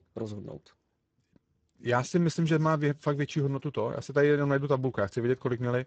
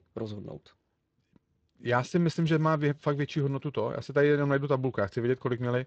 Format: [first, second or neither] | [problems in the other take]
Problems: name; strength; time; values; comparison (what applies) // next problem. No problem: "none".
second | garbled, watery; badly; nothing above 8 kHz; slightly in the second